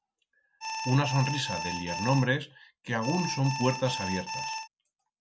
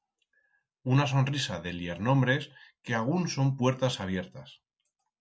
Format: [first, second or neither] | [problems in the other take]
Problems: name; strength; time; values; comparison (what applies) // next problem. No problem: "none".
second | background sound (Alarm); 5 dB below the speech